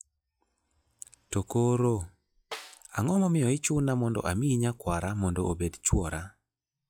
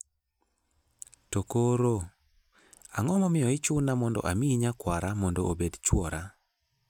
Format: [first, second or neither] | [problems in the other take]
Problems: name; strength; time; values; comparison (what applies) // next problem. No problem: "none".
second | noise reduction (classical method log-MMSE)